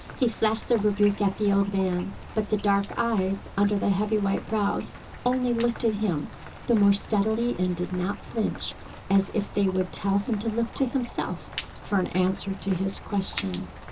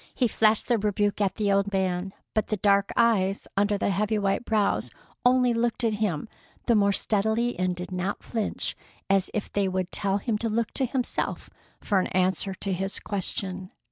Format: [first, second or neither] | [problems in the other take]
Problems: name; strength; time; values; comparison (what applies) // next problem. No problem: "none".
second | background sound (Rain); 14 dB below the speech // room echo; dies away in 0.2 s